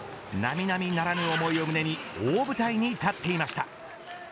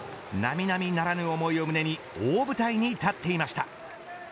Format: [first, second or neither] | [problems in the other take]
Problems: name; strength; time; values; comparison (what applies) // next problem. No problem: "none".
second | background sound (Sliding door); 11 dB below the speech